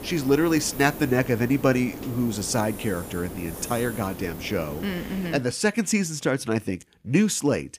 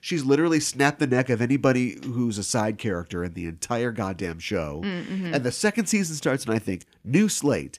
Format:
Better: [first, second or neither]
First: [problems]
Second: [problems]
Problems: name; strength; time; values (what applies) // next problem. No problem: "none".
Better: second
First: hiss; noticeable; until 5.5 s; 10 dB below the speech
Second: none